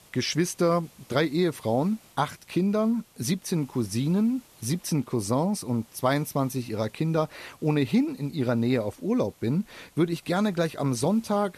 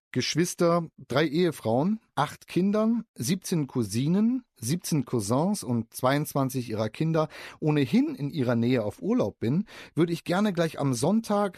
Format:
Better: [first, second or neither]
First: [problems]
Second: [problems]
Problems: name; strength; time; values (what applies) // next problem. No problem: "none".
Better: second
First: hiss; faint; throughout; 25 dB below the speech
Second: none